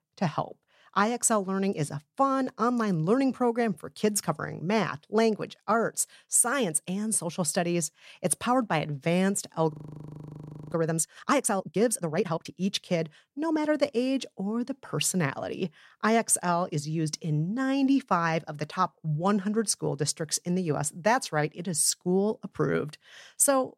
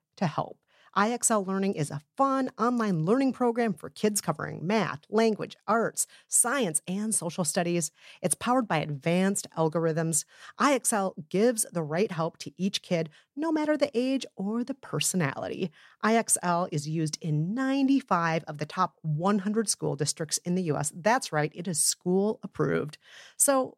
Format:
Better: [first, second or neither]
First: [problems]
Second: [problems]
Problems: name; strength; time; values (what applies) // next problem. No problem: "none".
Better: second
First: audio freezing; at 9.5 s for 1 s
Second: none